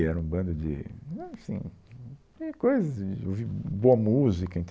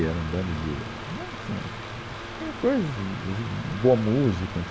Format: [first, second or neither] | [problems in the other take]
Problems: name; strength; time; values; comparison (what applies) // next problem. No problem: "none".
first | background sound (Mechanical fan); 9 dB below the speech